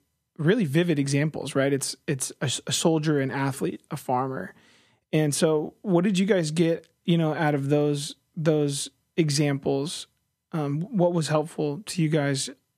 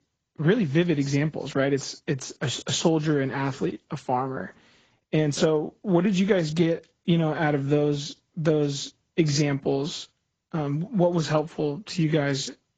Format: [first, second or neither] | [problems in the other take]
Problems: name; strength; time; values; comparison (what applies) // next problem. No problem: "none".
first | garbled, watery; badly; nothing above 7.5 kHz